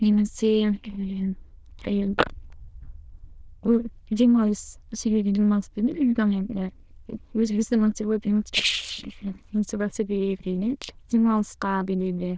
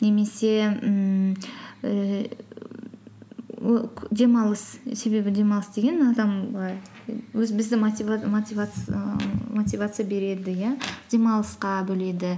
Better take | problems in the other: second | noise reduction (neural diffusion model UNIVERSE++)

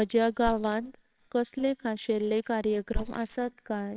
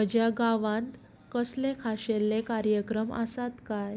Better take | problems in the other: second | noise reduction (neural separator model SepFormer WHAMR!)

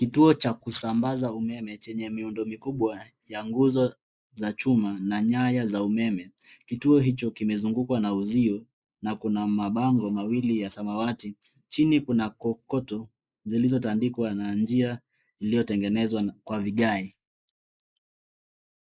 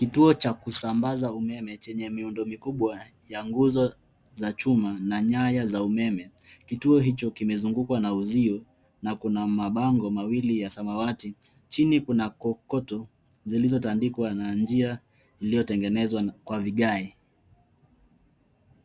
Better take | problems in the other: second | noise reduction (neural mask model Resemble Enhance denoiser)

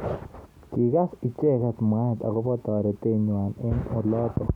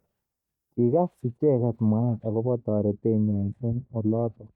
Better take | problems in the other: first | noise reduction (neural mask model DeepFilterNet 3)

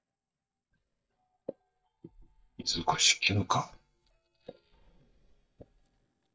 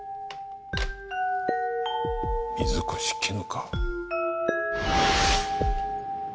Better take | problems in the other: second | noise reduction (neural mask model DeepFilterNet 3)

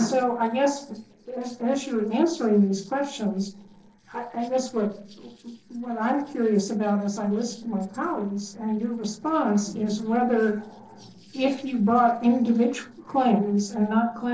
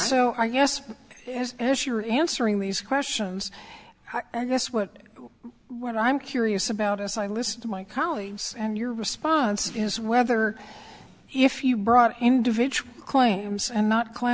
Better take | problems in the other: second | noise reduction (neural separator model SepFormer DNS4)

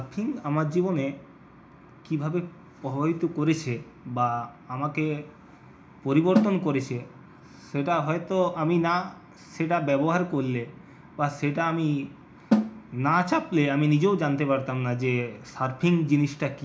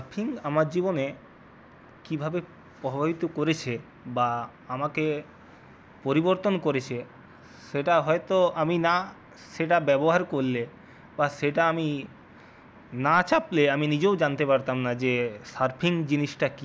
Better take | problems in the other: second | background sound (Snare drum); 2 dB above the speech // room echo; dies away in 0.4 s

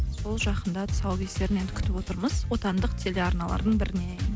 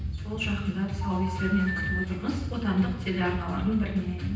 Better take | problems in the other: first | background sound (Telephone); 8 dB below the speech // room echo; dies away in 0.9 s

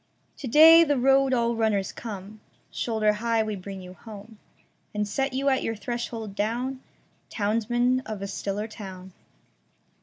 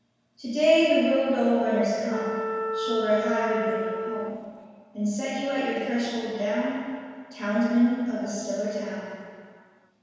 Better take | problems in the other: first | background sound (Wind instrument, woodwind instrument); 5 dB below the speech // room echo; dies away in 1.9 s

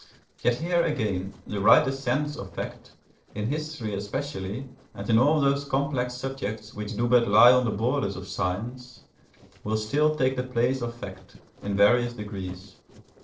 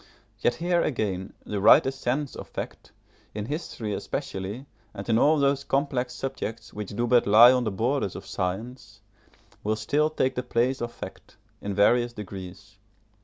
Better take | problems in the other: second | noise reduction (neural separator model SepFormer DNS4)

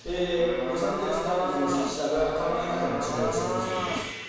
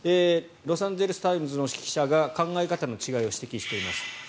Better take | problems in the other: second | background sound (Livestock, farm animals, working animals); 4 dB below the speech // room echo; dies away in 1.9 s

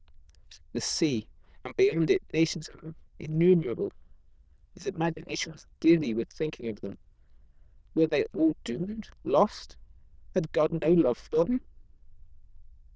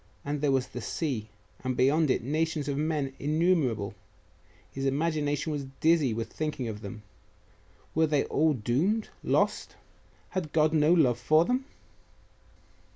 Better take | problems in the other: second | noise reduction (neural diffusion model UNIVERSE++)

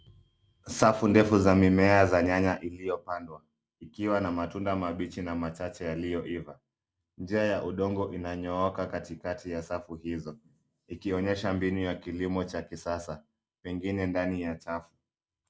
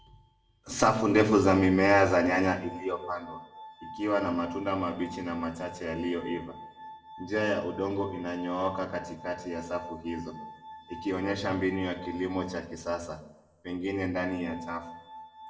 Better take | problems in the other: first | background sound (Glass); 17 dB below the speech // room echo; dies away in 0.6 s

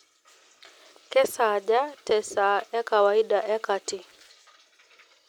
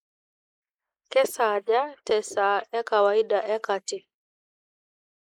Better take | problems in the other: first | noise reduction (neural mask model Resemble Enhance denoiser)

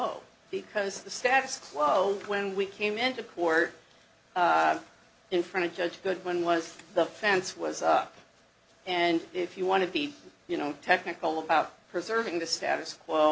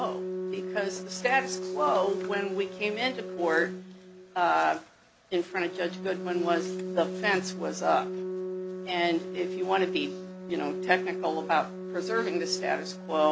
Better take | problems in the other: first | background sound (Organ); 6 dB below the speech

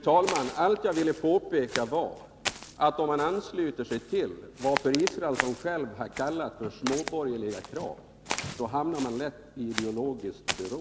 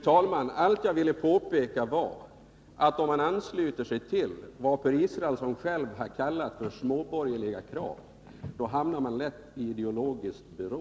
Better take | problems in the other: second | background sound (Walk, footsteps); 10 dB below the speech

